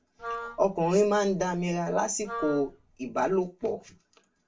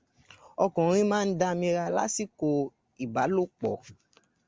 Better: second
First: background sound (Wind instrument, woodwind instrument); 11 dB below the speech // room echo; dies away in 0.2 s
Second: none

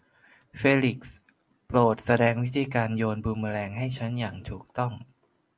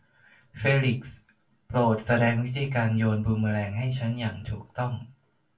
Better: first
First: none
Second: room echo; dies away in 0.2 s

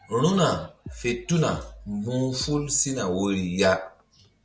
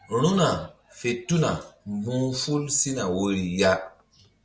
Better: second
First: background sound (Bass drum); 16 dB below the speech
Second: none

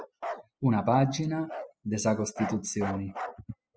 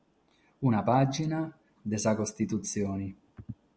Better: second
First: noise reduction (classical method spectral subtraction)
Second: none

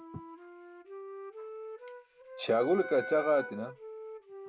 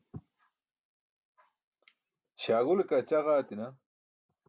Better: second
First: background sound (Wind instrument, woodwind instrument + Wind instrument, woodwind instrument); 10 dB below the speech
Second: none

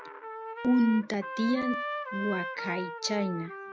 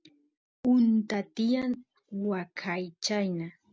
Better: second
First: background sound (Trumpet); 7 dB below the speech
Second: none

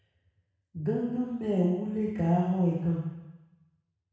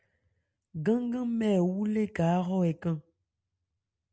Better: second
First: room echo; dies away in 1.1 s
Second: none

